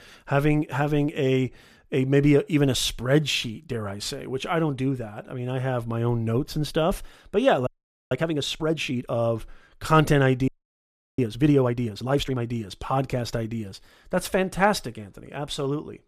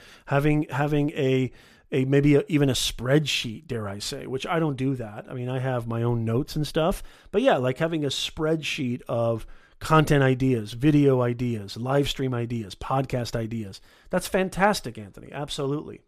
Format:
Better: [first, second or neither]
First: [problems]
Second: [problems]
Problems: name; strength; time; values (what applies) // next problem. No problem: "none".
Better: second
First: audio freezing; at 7.5 s and at 10 s for 0.5 s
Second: none